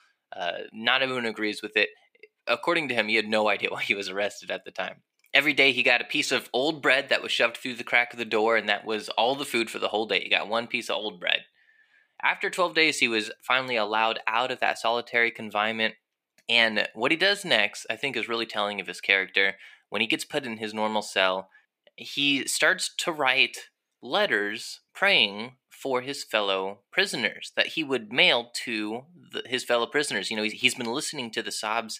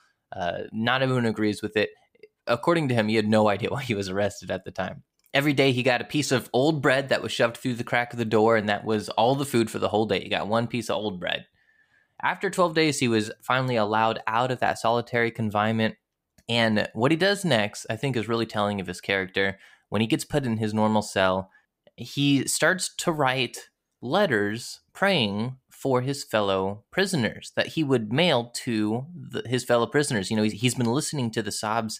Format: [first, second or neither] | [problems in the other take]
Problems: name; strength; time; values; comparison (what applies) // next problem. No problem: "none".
second | thin; somewhat; fading below 300 Hz